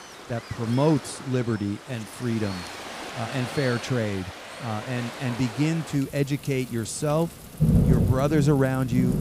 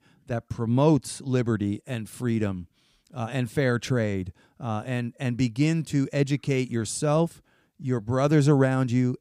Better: second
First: rain or running water; loud; throughout; 3 dB below the speech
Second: none

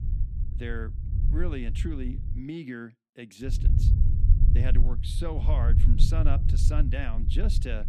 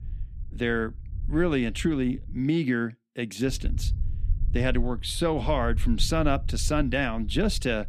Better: second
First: low rumble; loud; until 2.5 s and from 3.5 s on; 5 dB below the speech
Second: low rumble; faint; until 2.5 s and from 3.5 s on; 25 dB below the speech

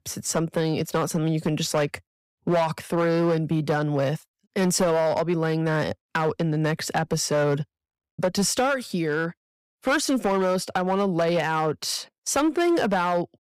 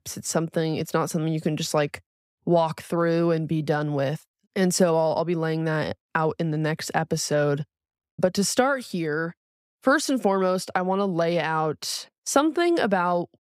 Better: second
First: distortion; slight; 7% of the sound clipped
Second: none

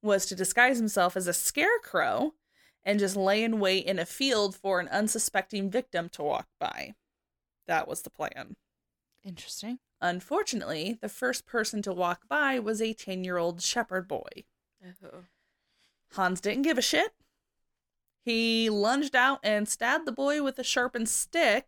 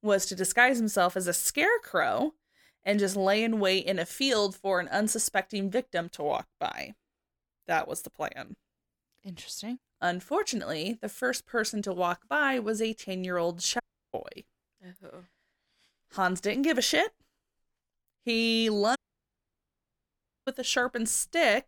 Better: first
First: none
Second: audio cutting out; at 14 s and at 19 s for 1.5 s

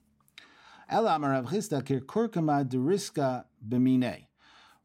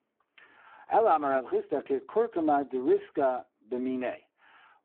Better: first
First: none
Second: phone-call audio; poor line

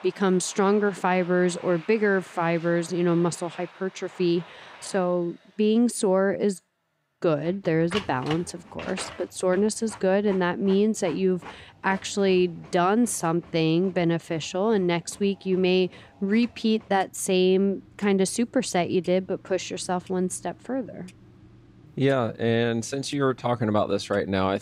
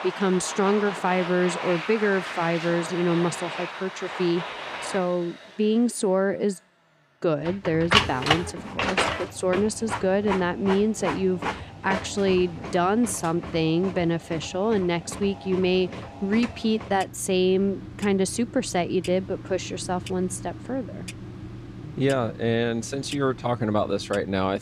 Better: first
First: household noises; faint; throughout; 20 dB below the speech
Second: household noises; loud; throughout; 7 dB below the speech

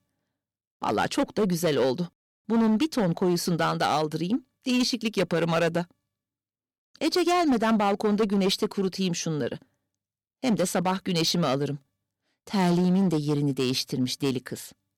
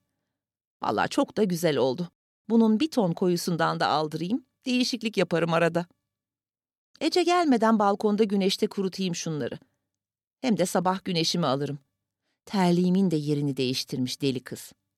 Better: second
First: distortion; slight; 8% of the sound clipped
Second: none

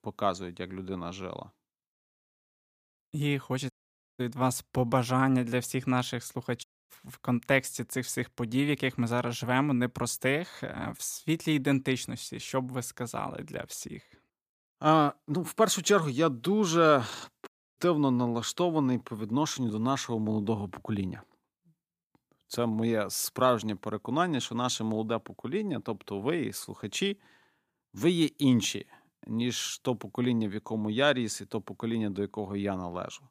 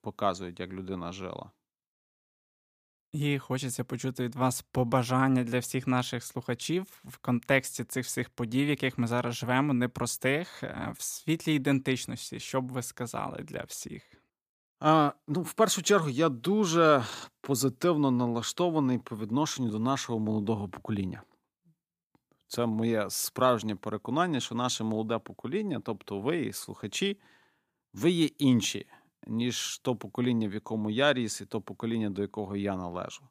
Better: second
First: audio cutting out; at 3.5 s, at 6.5 s and at 17 s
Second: none

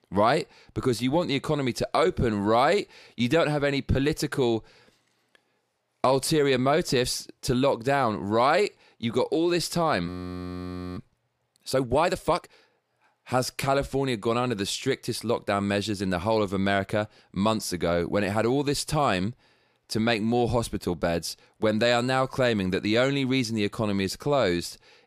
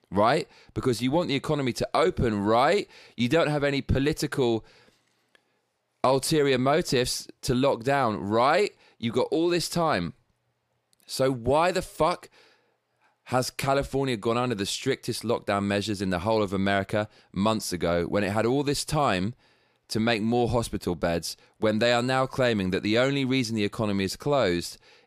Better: second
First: audio freezing; at 10 s for 1 s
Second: none

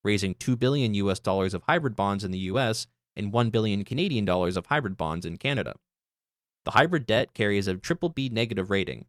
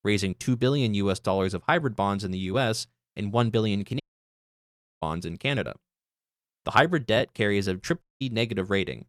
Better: first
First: none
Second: audio cutting out; at 4 s for 1 s and at 8 s

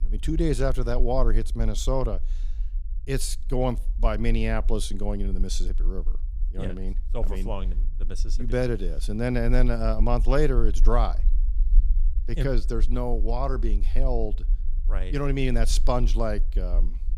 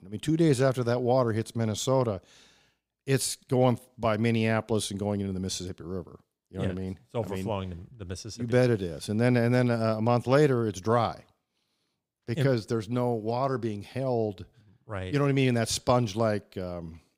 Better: second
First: low rumble; faint; throughout; 25 dB below the speech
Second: none

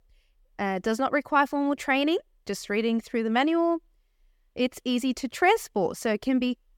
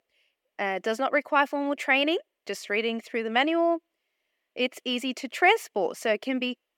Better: first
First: none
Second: thin; very slightly; fading below 300 Hz

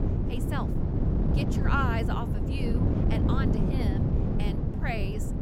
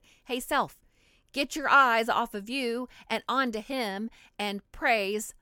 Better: second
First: wind noise on the microphone; heavy; 1 dB below the speech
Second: none

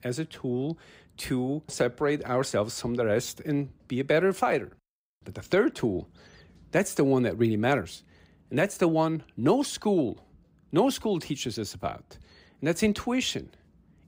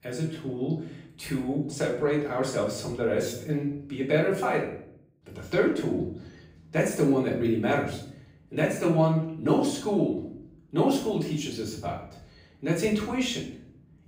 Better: first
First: none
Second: room echo; noticeable; dies away in 0.6 s // off-mic speech; far

